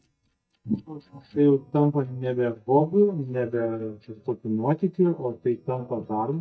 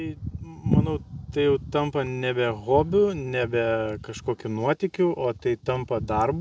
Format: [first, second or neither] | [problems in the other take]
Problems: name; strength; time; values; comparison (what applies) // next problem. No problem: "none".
second | noise reduction (neural mask model DeepFilterNet 3)